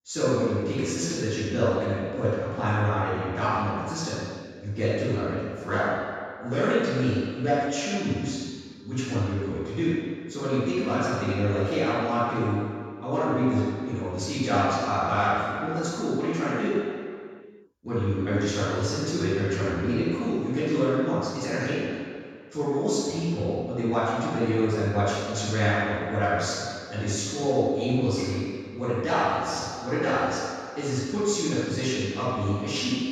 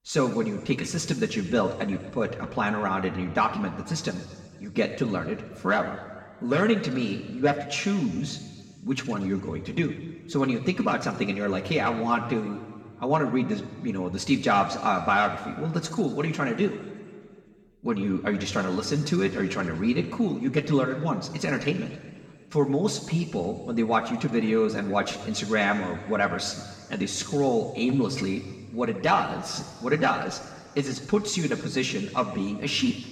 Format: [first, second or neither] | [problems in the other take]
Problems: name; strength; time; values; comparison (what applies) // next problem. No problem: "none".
second | room echo; strong; dies away in 1.8 s; slight in the second // off-mic speech; far; somewhat distant in the second